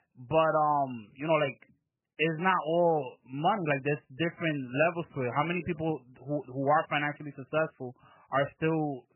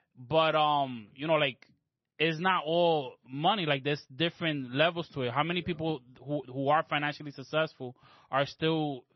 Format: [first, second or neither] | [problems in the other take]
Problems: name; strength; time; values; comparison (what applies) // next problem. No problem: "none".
second | garbled, watery; badly; nothing above 3 kHz; slightly in the second